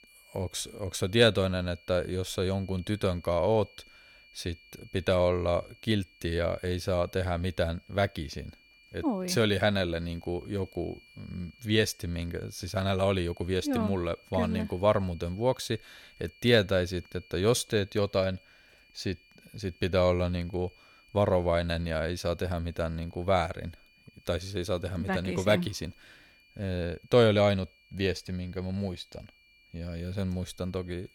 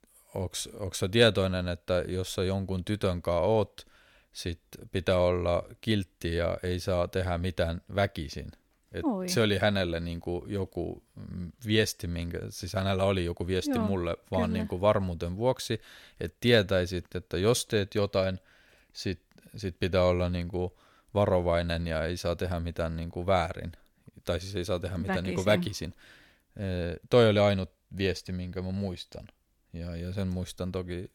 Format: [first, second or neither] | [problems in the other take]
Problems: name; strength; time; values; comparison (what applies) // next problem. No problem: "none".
second | high-pitched whine; faint; throughout; 2.5 kHz, 25 dB below the speech